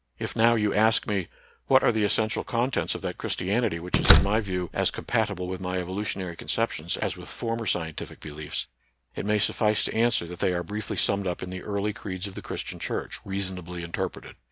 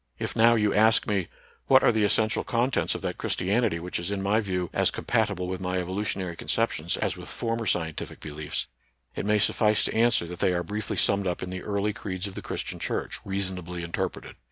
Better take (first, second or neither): second